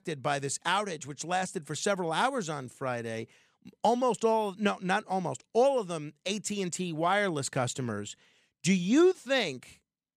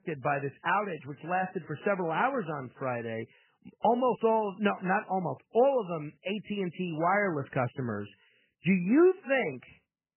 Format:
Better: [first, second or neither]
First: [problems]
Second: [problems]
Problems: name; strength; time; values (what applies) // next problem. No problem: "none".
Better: first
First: none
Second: garbled, watery; badly; nothing above 3 kHz